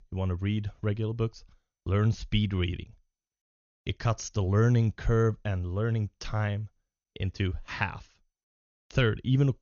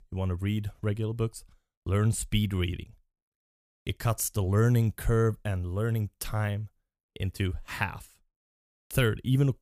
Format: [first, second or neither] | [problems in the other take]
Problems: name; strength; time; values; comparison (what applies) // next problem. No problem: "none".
second | garbled, watery; slightly; nothing above 6.5 kHz